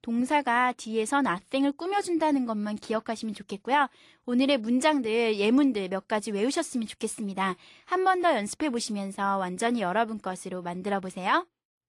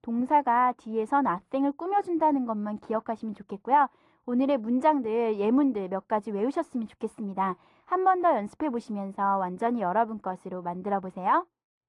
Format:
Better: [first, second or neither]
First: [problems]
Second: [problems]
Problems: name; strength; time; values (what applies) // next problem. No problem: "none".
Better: first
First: none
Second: muffled; very; fading above 2 kHz